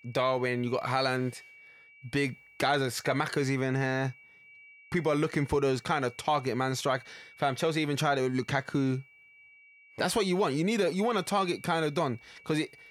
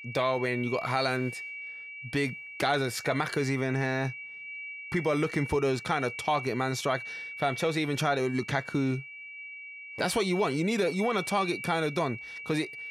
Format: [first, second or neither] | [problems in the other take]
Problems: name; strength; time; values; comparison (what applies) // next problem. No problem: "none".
first | high-pitched whine; loud; throughout; 2.5 kHz, 10 dB below the speech; faint in the first